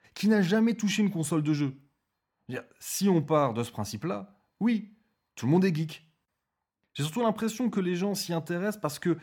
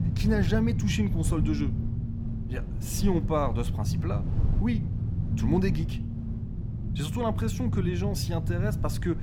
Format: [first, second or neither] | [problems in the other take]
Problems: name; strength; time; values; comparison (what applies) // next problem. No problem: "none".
first | low rumble; loud; throughout; 8 dB below the speech